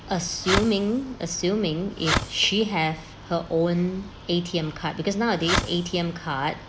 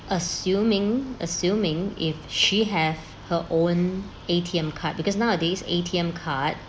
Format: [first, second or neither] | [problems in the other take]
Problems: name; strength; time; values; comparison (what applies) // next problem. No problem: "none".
second | background sound (Fireworks); 4 dB below the speech